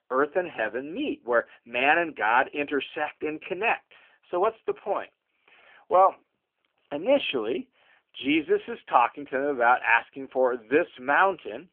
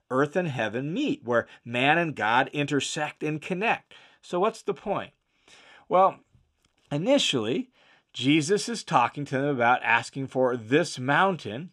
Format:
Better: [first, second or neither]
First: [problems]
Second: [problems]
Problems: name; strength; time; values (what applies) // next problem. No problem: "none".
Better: second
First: phone-call audio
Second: none